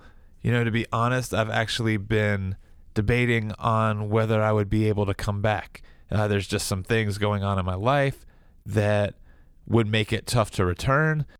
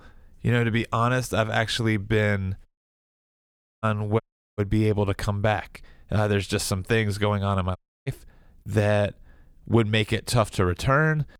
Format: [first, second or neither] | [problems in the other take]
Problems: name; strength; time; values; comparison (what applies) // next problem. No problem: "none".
first | audio cutting out; at 2.5 s for 1 s, at 4 s and at 8 s